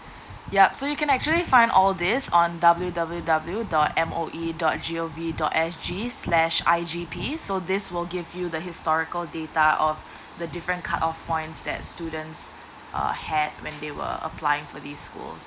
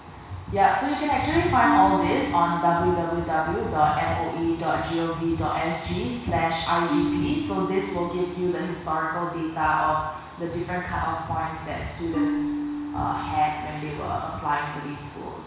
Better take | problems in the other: first | background sound (Marimba, xylophone); 9 dB below the speech // room echo; dies away in 1.1 s

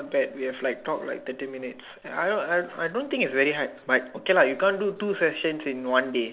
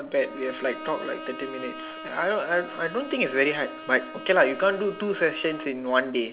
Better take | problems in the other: first | background sound (Bowed string instrument); 14 dB below the speech

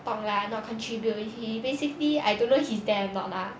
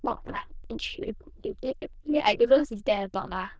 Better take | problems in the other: first | noise reduction (neural diffusion model UNIVERSE++)

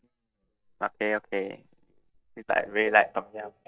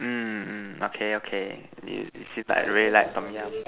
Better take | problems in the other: second | noise reduction (neural mask model DeepFilterNet 3)

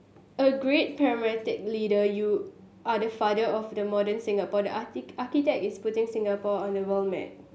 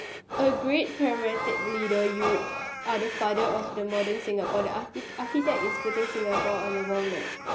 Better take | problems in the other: first | background sound (Meow + Breathing); 5 dB below the speech

